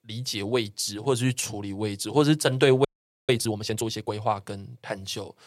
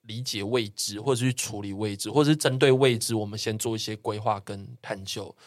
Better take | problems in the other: second | audio freezing; at 3 s

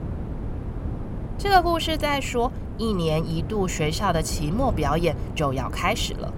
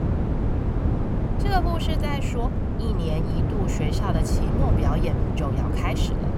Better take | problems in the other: first | wind noise on the microphone; heavy; 1 dB below the speech; occasional gusts in the first

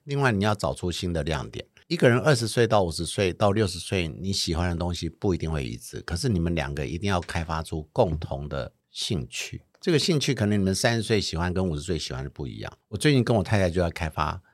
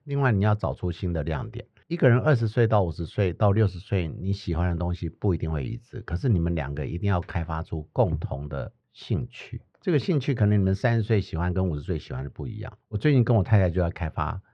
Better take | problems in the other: first | muffled; very; fading above 2 kHz

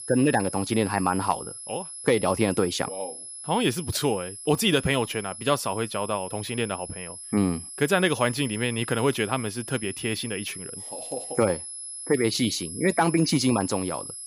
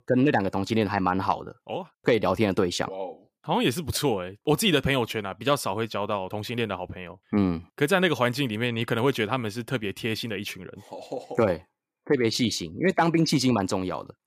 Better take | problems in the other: second | high-pitched whine; loud; throughout; 11 kHz, 10 dB below the speech

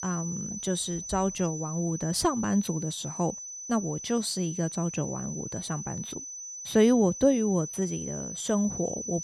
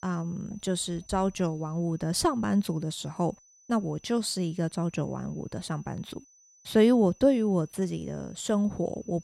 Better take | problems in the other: second | high-pitched whine; loud; throughout; 6 kHz, 8 dB below the speech; faint in the second

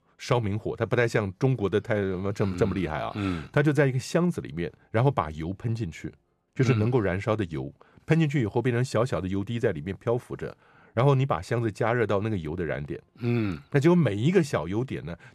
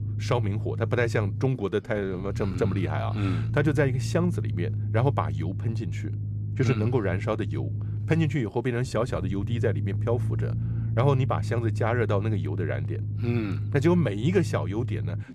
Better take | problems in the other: first | low rumble; noticeable; throughout; 15 dB below the speech

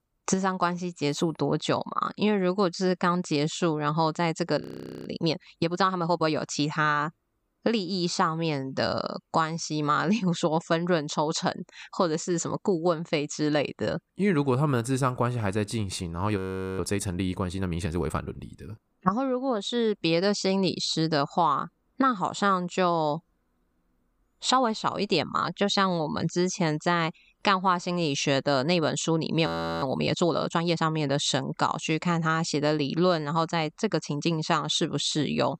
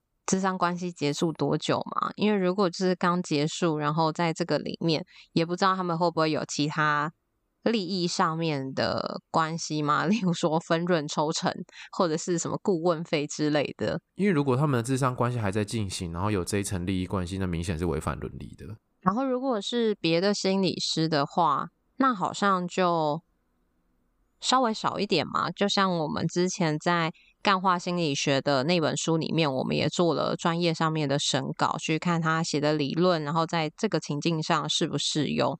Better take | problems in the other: second | audio freezing; at 4.5 s, at 16 s and at 29 s

